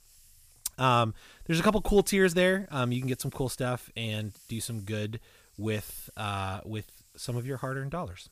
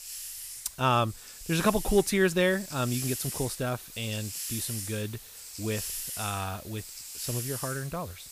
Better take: first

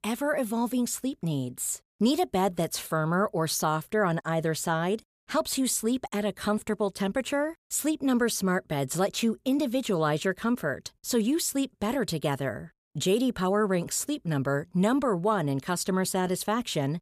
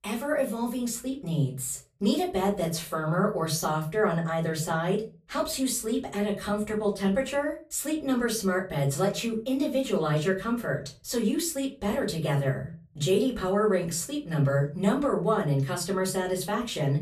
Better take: first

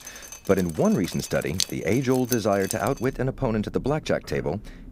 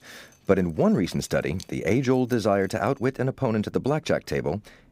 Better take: second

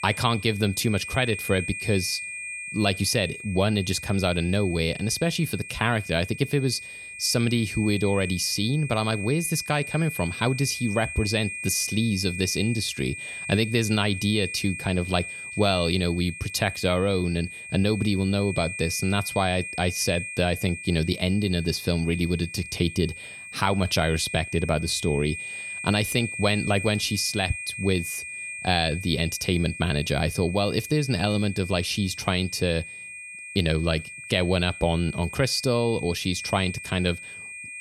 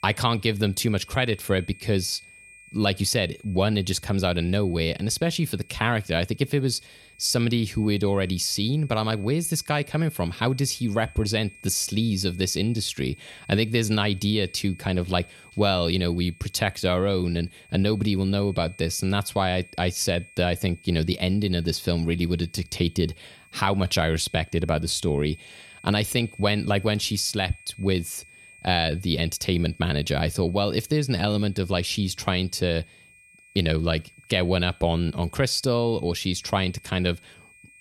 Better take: second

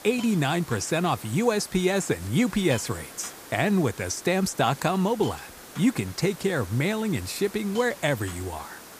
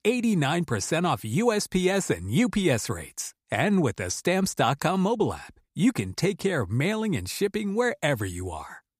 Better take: second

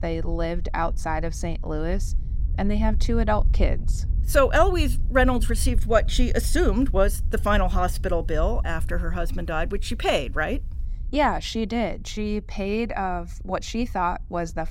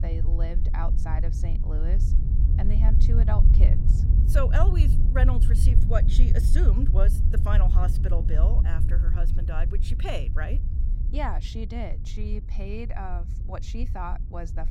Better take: first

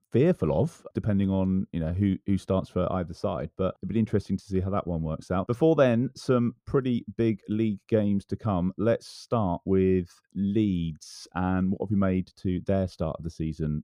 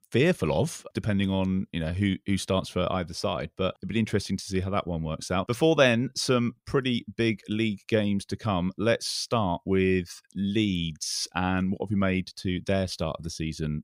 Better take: second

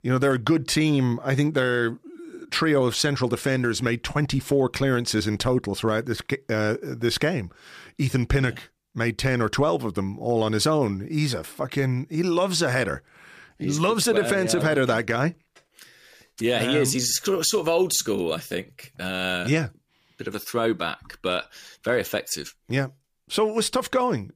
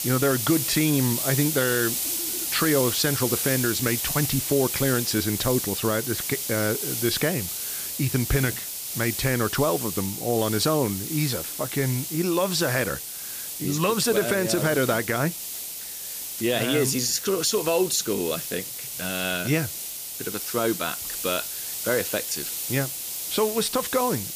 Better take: first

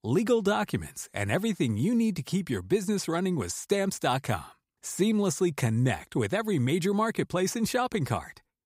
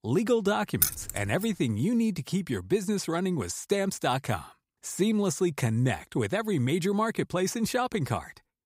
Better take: first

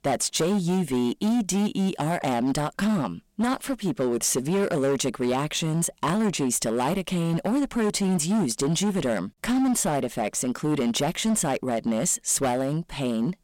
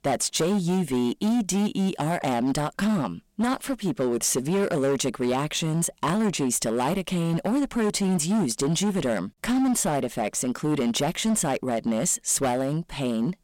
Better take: neither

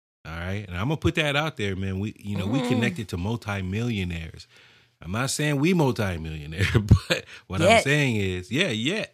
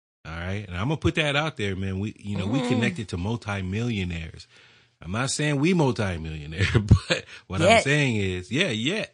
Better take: first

